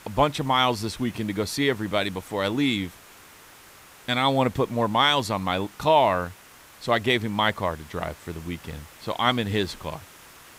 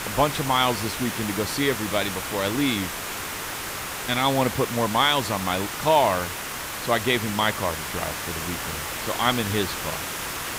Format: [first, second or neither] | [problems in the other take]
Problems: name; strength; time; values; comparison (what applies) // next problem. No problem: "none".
first | hiss; loud; throughout; 5 dB below the speech; faint in the first